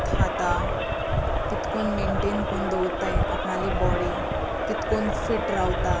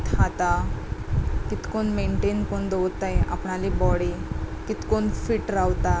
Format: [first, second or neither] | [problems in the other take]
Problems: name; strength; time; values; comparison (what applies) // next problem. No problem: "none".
second | background sound (Crowd); 2 dB below the speech